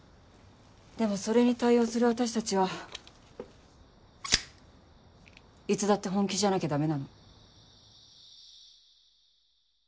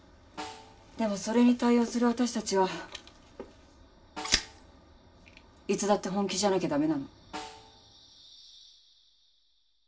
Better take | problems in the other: first | background sound (Snare drum); 19 dB below the speech // room echo; dies away in 0.2 s

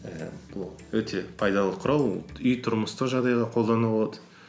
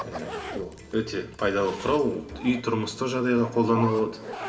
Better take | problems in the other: first | background sound (Zipper (clothing)); 12 dB below the speech // room echo; dies away in 2.5 s

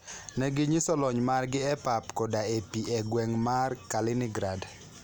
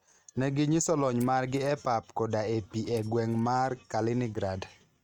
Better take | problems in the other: first | noise reduction (neural mask model RNNoise)

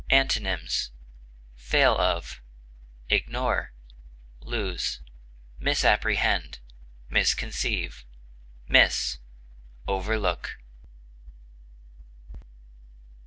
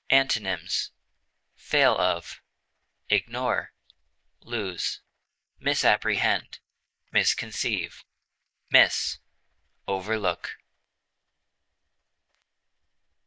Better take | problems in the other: first | noise reduction (neural mask model Resemble Enhance denoiser)

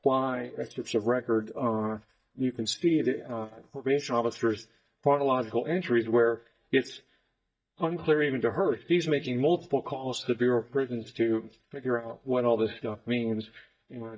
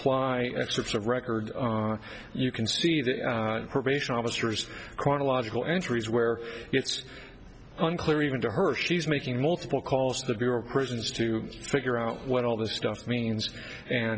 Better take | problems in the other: second | noise reduction (neural mask model DeepFilterNet 3)

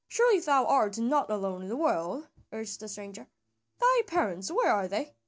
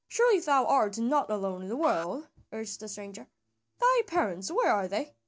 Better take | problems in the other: first | background sound (Alarm); 17 dB below the speech

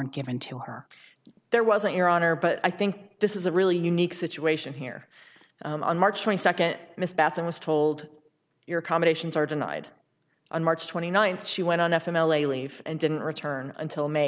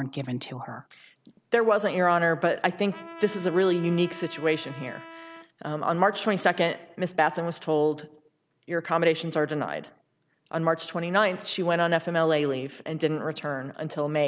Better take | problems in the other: first | background sound (Trumpet); 17 dB below the speech

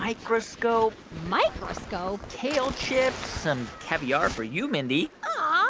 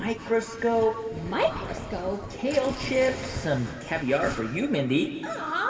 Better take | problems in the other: first | room echo; dies away in 2 s

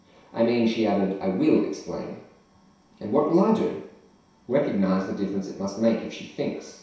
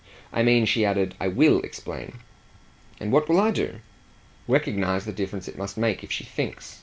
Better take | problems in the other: second | room echo; dies away in 0.7 s

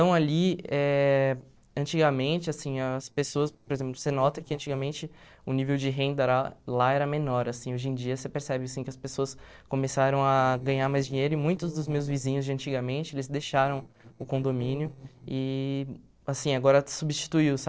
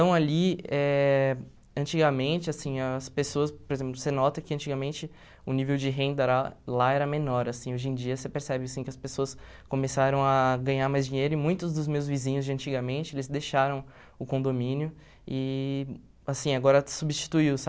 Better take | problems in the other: second | noise reduction (neural separator model SepFormer DNS4)

